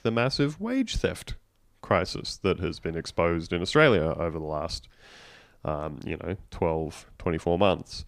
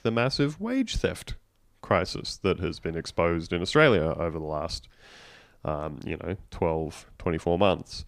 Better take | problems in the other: neither | none

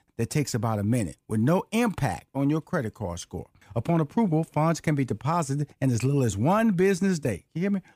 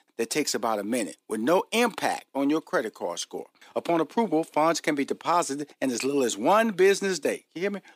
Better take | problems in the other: first | thin; somewhat; fading below 300 Hz

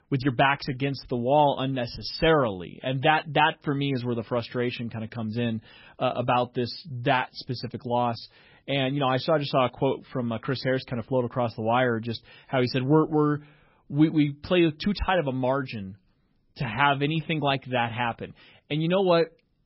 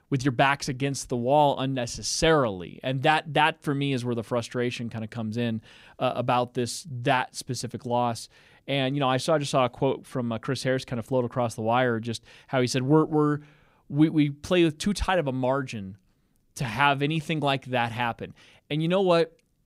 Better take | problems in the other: second | garbled, watery; badly; nothing above 5.5 kHz

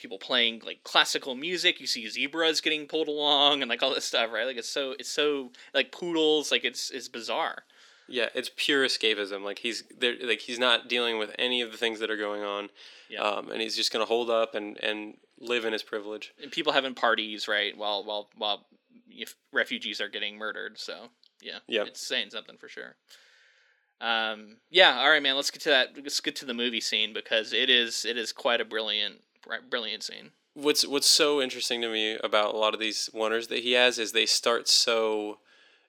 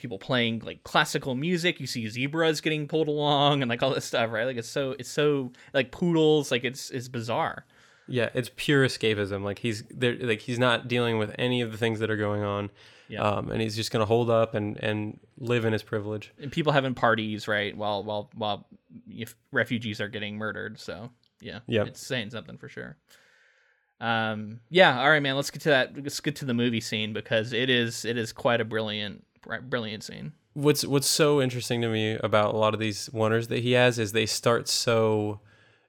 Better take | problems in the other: second | thin; somewhat; fading below 250 Hz

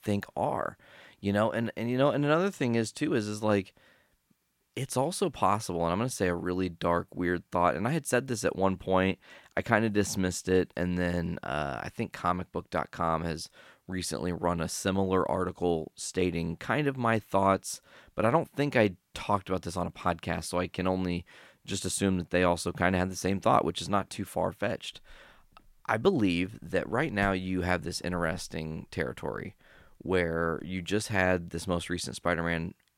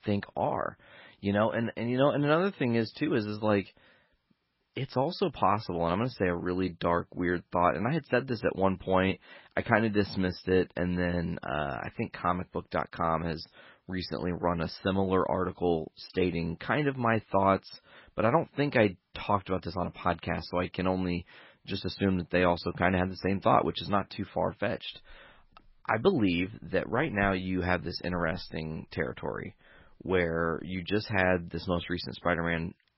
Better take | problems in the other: first | garbled, watery; badly; nothing above 5.5 kHz

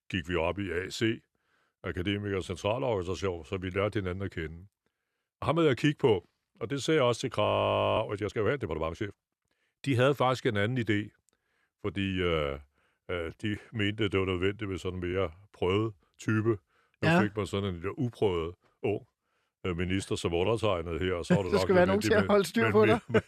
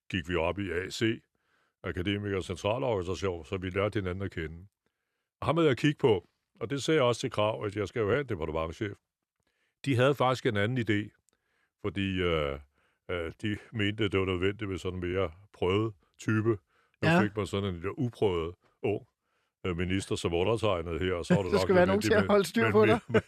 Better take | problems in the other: second | audio freezing; at 7.5 s for 0.5 s

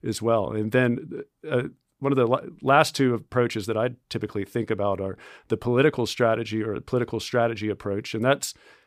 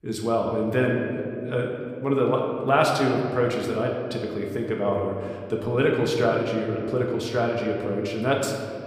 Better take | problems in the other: first | room echo; noticeable; dies away in 2 s // off-mic speech; somewhat distant

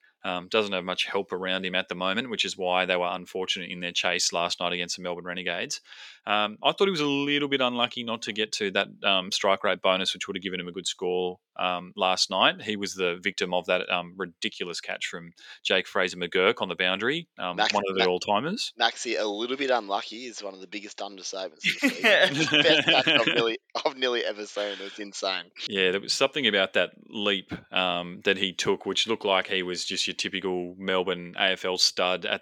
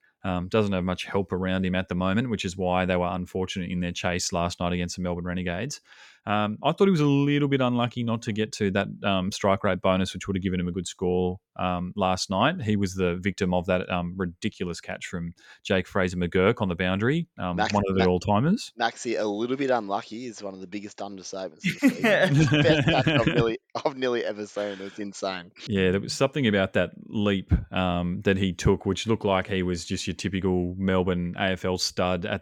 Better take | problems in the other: second | thin; somewhat; fading below 350 Hz

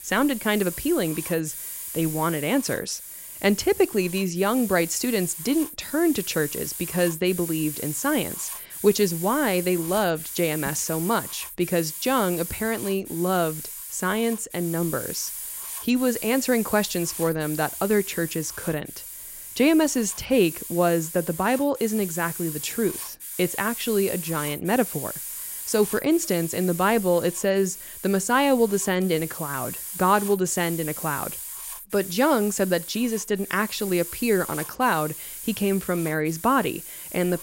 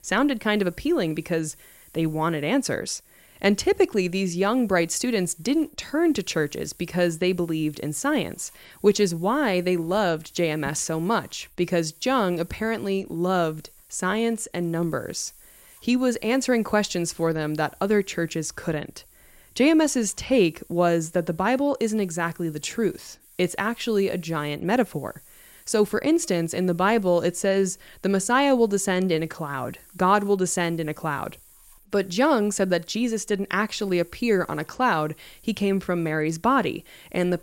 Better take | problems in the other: second | hiss; loud; throughout; 8 dB below the speech; faint in the second

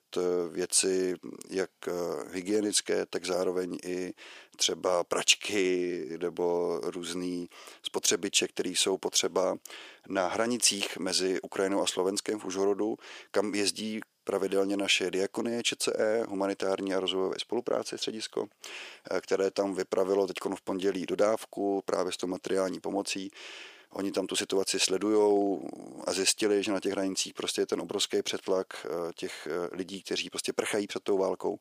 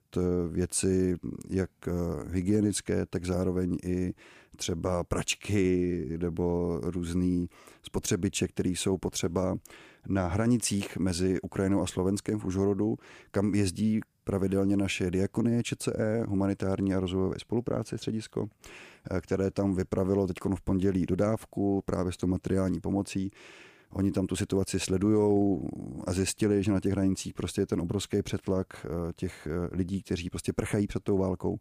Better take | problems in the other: second | thin; somewhat; fading below 500 Hz

